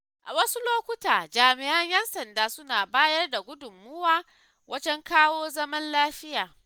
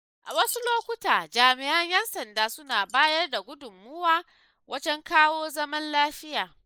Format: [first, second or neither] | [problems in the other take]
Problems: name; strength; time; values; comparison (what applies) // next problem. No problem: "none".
first | noise reduction (neural mask model Resemble Enhance denoiser)